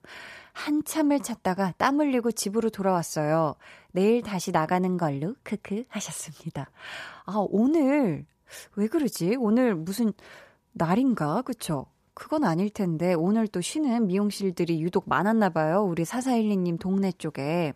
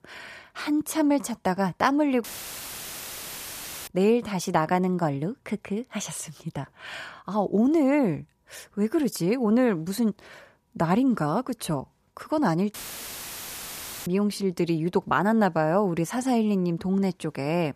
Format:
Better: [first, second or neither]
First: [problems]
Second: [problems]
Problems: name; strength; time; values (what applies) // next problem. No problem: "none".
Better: first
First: none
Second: audio cutting out; filled with static; at 2 s for 1.5 s and at 13 s for 1.5 s